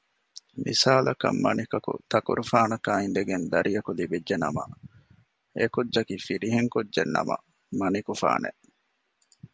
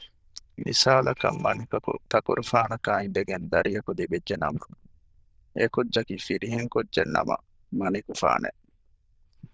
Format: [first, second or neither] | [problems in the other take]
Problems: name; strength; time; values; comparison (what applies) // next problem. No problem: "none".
first | noise reduction (neural diffusion model UNIVERSE++)